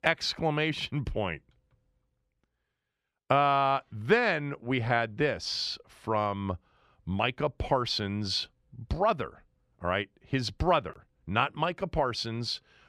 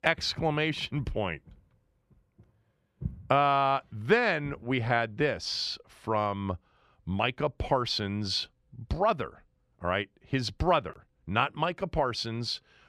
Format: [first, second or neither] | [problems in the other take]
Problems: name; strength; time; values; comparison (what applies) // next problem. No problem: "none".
first | footsteps; faint; until 4.5 s; peak 10 dB below the speech